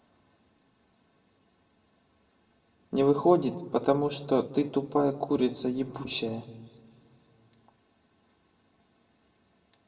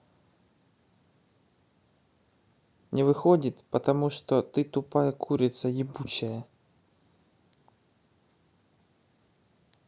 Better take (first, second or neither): second